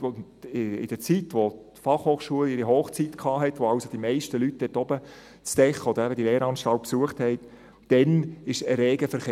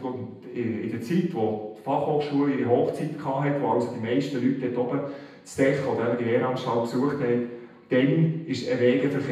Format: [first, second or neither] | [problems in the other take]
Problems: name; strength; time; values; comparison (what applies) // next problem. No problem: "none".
first | room echo; dies away in 0.9 s